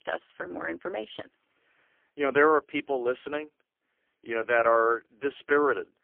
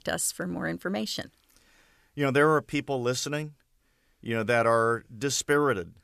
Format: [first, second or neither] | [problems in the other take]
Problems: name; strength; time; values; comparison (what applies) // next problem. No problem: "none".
second | phone-call audio; poor line; nothing above 3.5 kHz